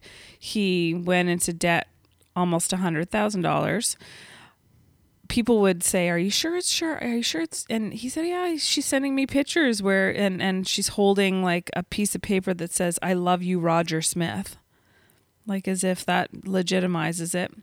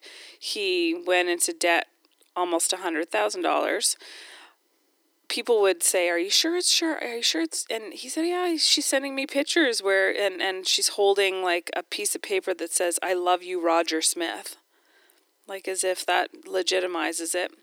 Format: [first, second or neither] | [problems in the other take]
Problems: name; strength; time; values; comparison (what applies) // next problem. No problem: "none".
first | thin; very; fading below 300 Hz